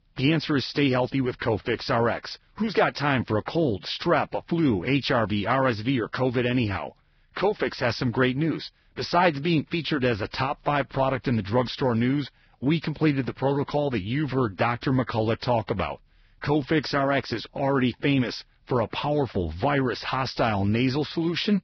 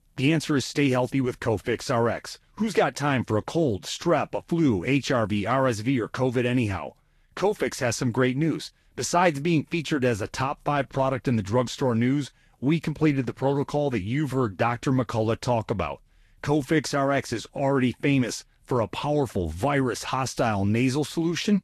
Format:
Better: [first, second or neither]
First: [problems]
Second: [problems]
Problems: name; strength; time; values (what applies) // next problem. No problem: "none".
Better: second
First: garbled, watery; badly; nothing above 5.5 kHz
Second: garbled, watery; slightly; nothing above 12.5 kHz